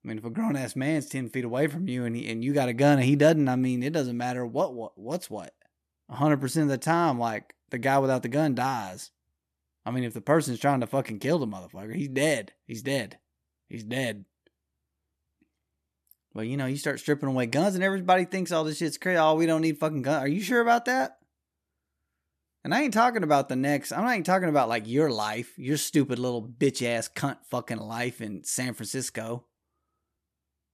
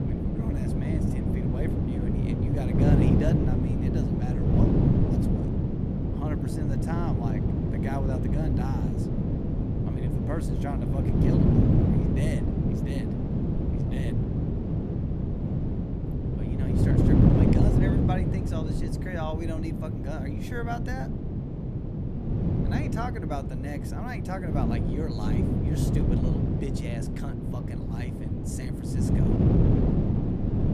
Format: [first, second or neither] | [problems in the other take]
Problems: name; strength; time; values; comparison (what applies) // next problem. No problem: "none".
first | wind noise on the microphone; heavy; 5 dB above the speech